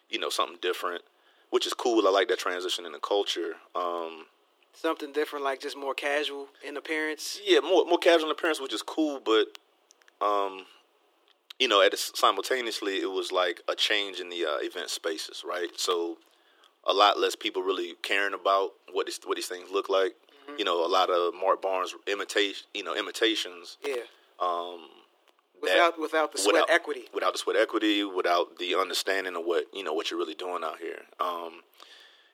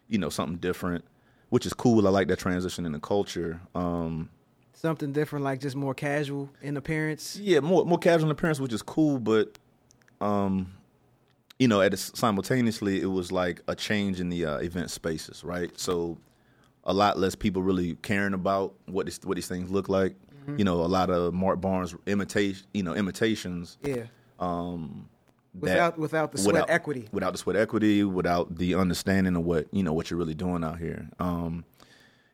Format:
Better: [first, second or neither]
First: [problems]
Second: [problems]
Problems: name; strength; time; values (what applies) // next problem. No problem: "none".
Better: second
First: thin; very; fading below 350 Hz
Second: none